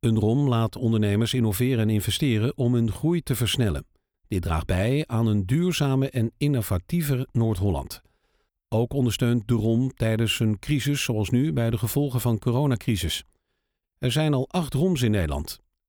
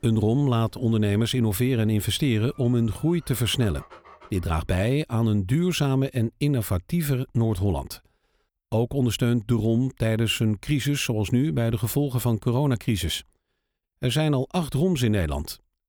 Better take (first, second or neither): first